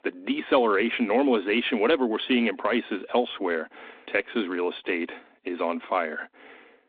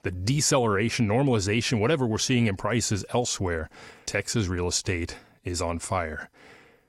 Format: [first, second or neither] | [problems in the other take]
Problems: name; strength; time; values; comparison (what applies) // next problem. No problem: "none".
second | phone-call audio